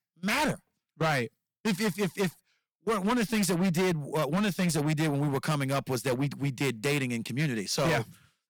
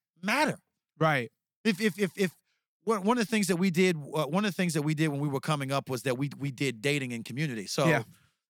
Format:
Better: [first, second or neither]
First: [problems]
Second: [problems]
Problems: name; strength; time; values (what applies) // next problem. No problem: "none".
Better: second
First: distortion; heavy; 14% of the sound clipped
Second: none